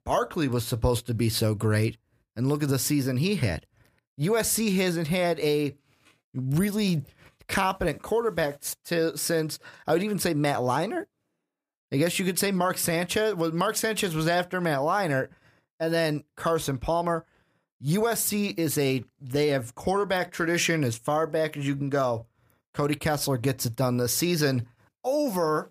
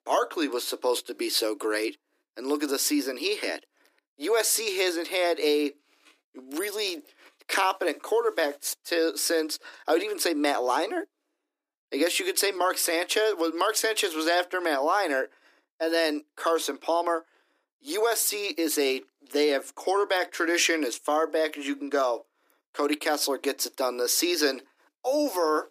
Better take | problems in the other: first | thin; somewhat; fading below 300 Hz

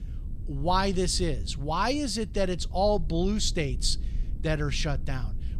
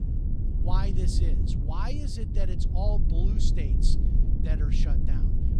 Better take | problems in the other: first | low rumble; loud; throughout; 3 dB below the speech; faint in the first

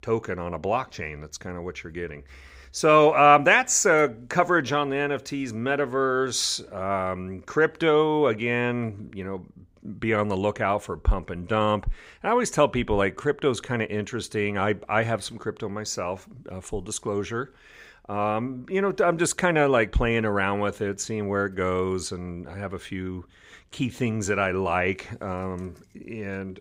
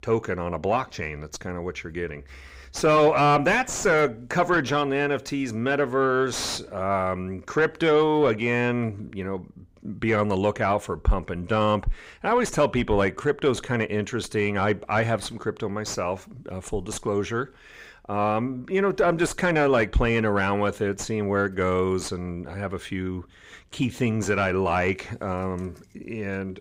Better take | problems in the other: first | distortion; slight; 9 dB below the speech

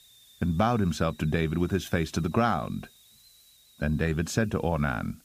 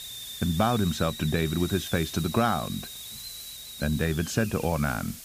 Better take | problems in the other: first | hiss; loud; throughout; 10 dB below the speech; faint in the first

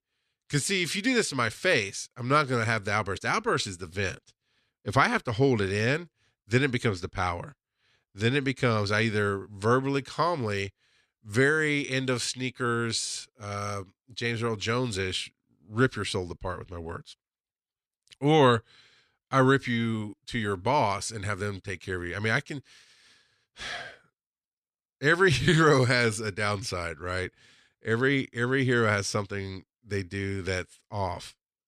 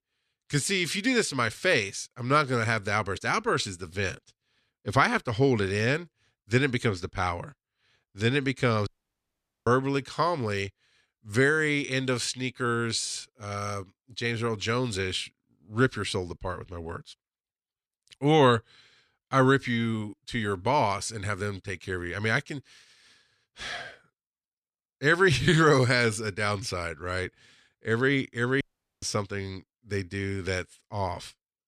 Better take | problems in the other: first | audio cutting out; at 9 s for 1 s and at 29 s

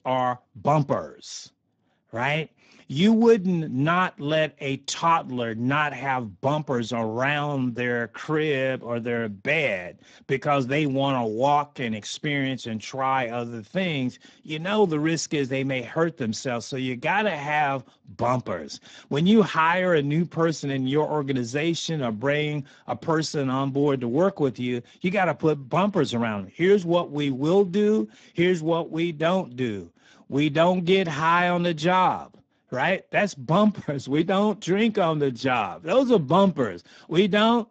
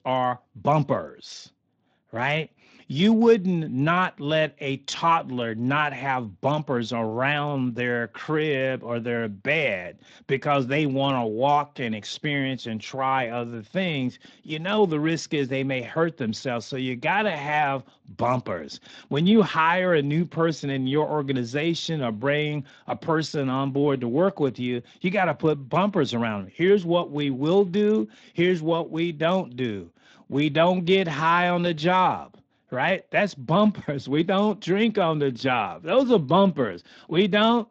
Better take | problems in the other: second | garbled, watery; badly; nothing above 7.5 kHz; slightly in the second

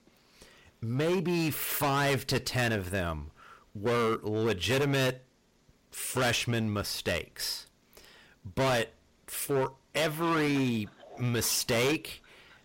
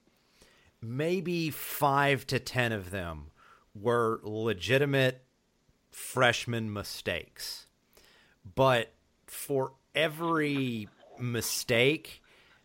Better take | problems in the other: second | distortion; heavy; 13% of the sound clipped

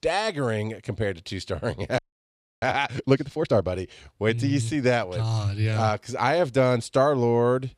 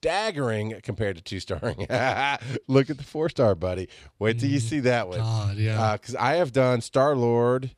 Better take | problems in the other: second | audio freezing; at 2 s for 0.5 s

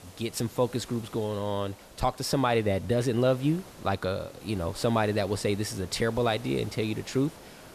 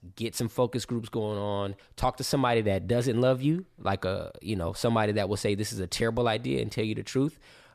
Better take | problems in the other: second | hiss; noticeable; throughout; 20 dB below the speech

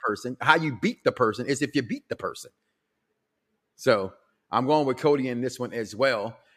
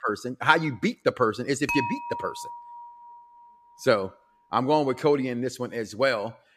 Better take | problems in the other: first | clattering dishes; noticeable; from 1.5 to 3 s; peak 2 dB below the speech

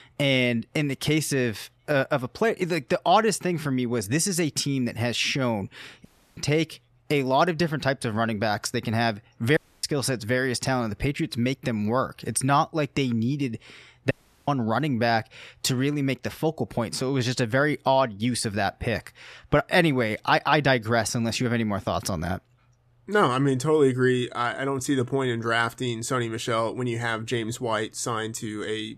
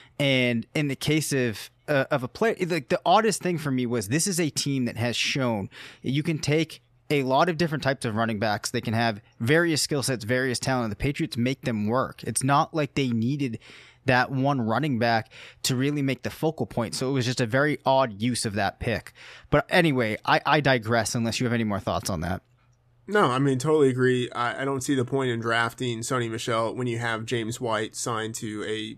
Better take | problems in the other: second | audio cutting out; at 6 s, at 9.5 s and at 14 s

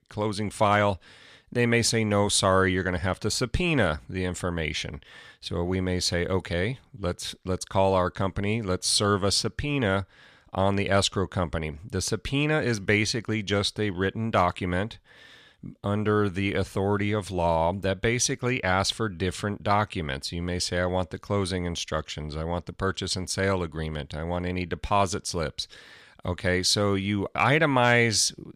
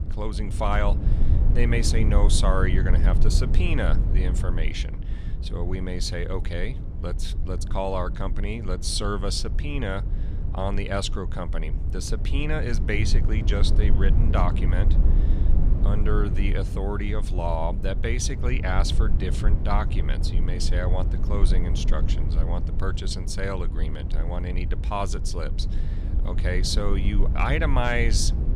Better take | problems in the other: first | low rumble; noticeable; throughout; 10 dB below the speech

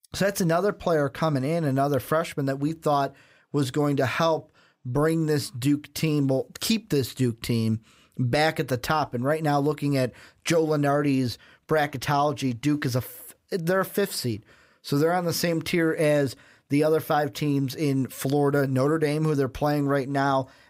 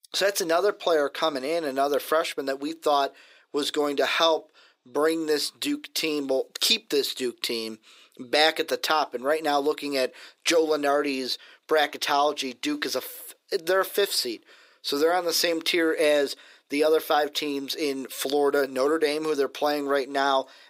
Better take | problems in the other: first | thin; somewhat; fading below 350 Hz

